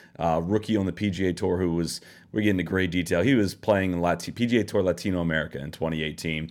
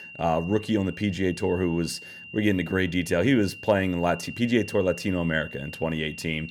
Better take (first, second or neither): first